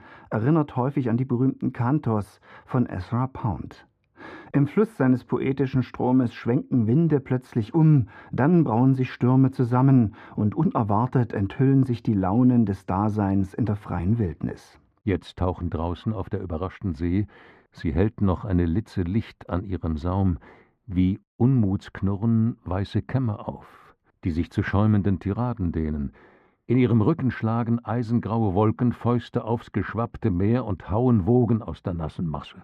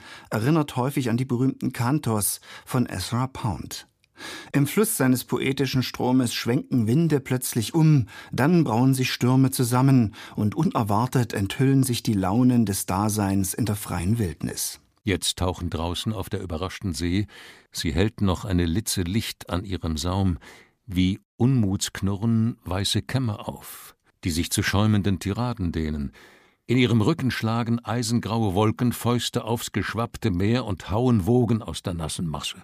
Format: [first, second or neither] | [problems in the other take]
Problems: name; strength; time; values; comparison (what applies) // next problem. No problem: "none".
second | muffled; very; fading above 3.5 kHz